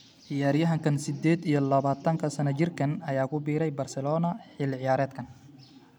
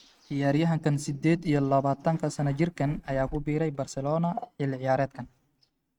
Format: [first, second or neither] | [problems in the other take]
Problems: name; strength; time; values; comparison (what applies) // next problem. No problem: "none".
first | noise reduction (neural mask model RNNoise)